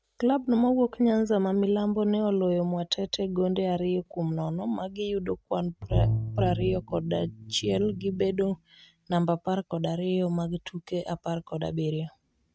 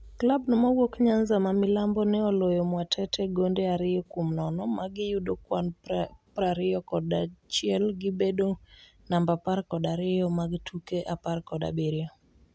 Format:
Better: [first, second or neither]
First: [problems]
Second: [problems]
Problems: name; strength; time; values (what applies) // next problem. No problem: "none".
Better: second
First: noise reduction (neural mask model RNNoise)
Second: none